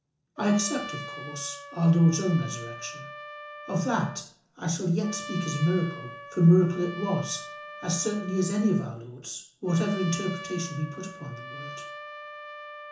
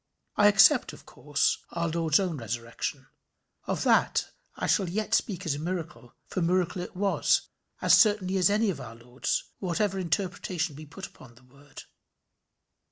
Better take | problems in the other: second | background sound (Trumpet); 13 dB below the speech // room echo; dies away in 0.7 s

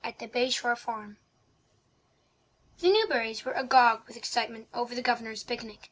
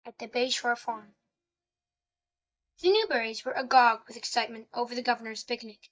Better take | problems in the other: first | noise reduction (neural mask model DeepFilterNet 3)

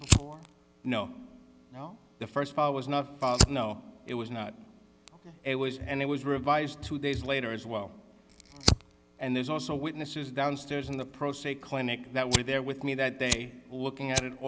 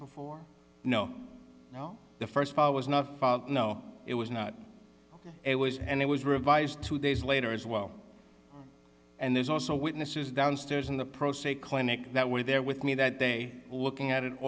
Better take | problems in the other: second | background sound (Fire); 3 dB below the speech

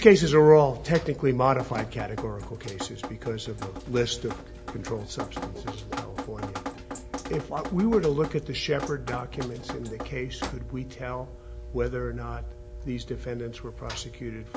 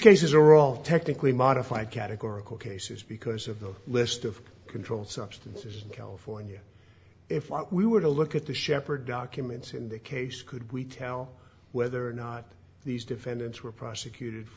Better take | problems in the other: second | background sound (Drip); 11 dB below the speech

